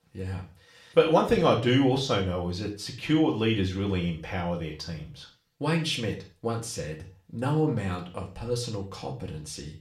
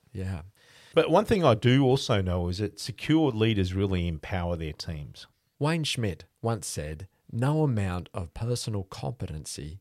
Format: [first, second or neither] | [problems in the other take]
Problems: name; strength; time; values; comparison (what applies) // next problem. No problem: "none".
second | room echo; slight; dies away in 0.4 s // off-mic speech; somewhat distant